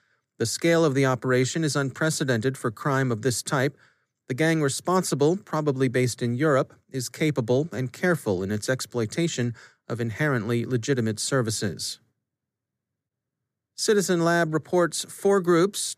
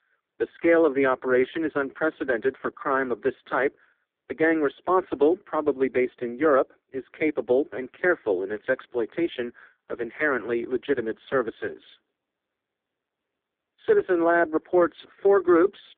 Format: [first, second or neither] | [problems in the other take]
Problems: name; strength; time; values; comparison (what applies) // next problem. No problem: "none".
first | phone-call audio; poor line; nothing above 3.5 kHz